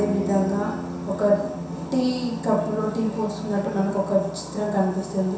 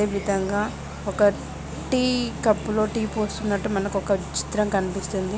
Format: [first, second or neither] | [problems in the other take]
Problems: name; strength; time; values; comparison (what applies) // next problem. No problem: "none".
second | background sound (Bass guitar); 12 dB below the speech // room echo; dies away in 0.7 s